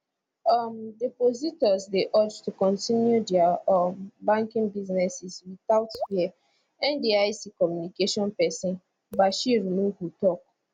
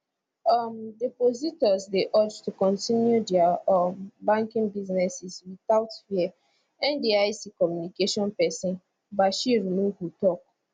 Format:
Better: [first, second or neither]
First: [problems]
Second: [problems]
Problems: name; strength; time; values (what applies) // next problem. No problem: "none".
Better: second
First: background sound (Raindrop / Drip); 11 dB below the speech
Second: none